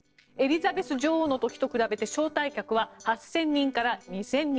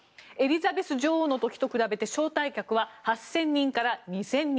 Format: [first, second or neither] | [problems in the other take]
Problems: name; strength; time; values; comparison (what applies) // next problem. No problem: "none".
second | noise reduction (neural separator model SepFormer DNS4)